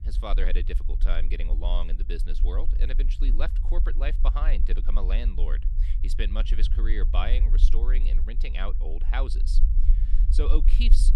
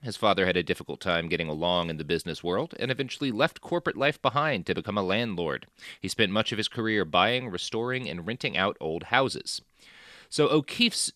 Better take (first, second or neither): second